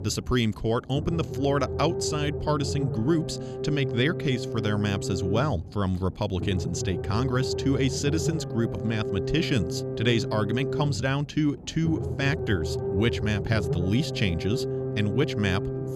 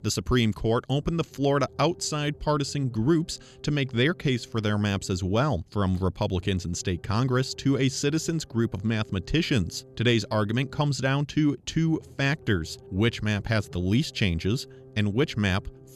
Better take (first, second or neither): second